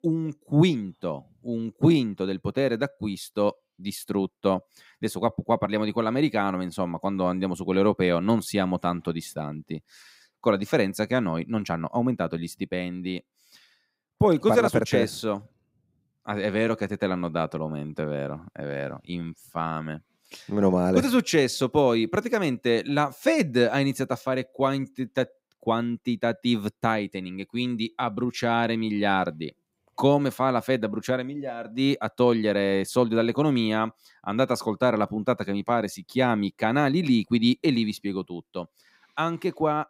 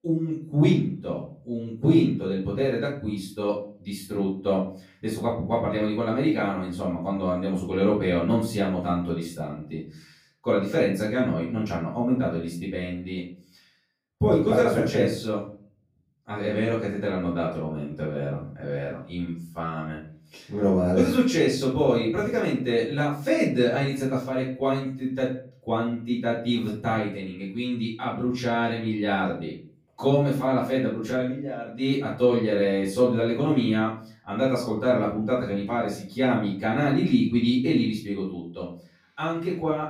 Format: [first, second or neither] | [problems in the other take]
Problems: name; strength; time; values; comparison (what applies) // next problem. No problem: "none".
first | room echo; noticeable; dies away in 0.4 s // off-mic speech; far